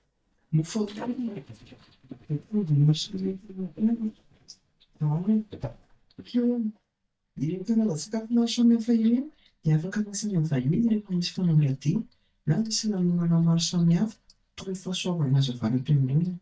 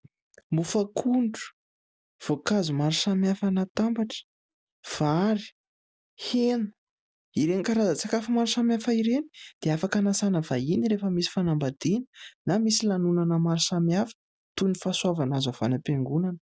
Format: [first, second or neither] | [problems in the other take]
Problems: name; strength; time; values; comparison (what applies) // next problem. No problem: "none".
second | noise reduction (neural mask model DeepFilterNet 3)